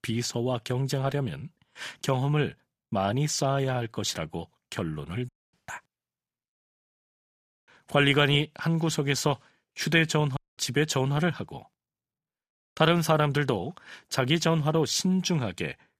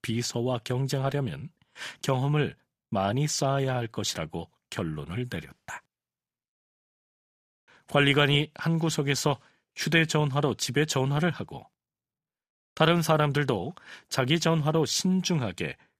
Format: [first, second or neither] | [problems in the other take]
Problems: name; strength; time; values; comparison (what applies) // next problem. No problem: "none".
second | audio cutting out; at 5.5 s and at 10 s